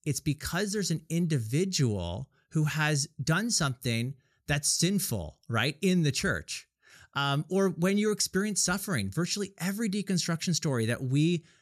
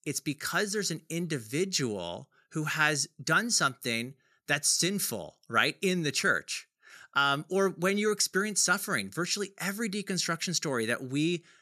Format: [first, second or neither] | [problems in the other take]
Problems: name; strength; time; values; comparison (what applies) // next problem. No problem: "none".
first | thin; somewhat; fading below 250 Hz